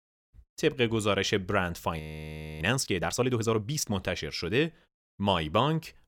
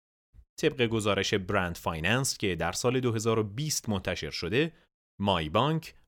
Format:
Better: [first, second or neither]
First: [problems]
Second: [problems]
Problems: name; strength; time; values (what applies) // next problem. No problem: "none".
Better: second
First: audio freezing; at 2 s for 0.5 s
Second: none